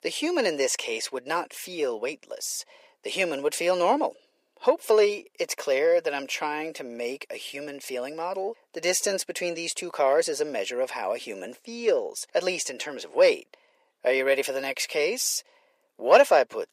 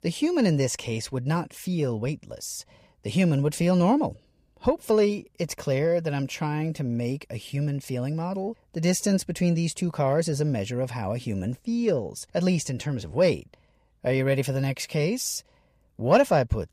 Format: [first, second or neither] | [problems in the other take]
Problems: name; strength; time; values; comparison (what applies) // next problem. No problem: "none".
second | thin; very; fading below 400 Hz